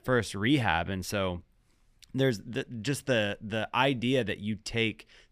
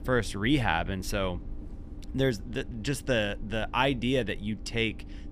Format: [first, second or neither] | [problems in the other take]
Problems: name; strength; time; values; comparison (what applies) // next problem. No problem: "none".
first | low rumble; faint; throughout; 25 dB below the speech